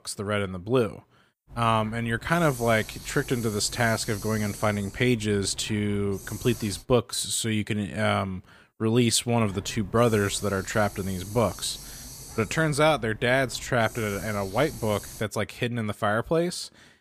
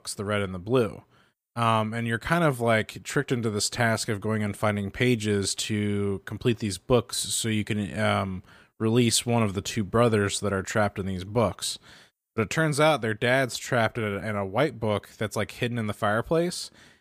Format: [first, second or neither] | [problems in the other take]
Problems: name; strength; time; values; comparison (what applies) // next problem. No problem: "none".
second | hiss; noticeable; from 1.5 to 7 s and from 9.5 to 15 s; 15 dB below the speech